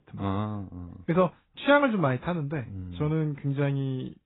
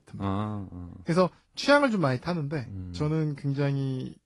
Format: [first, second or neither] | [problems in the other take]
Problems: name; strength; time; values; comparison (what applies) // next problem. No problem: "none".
second | garbled, watery; badly; nothing above 4 kHz; slightly in the second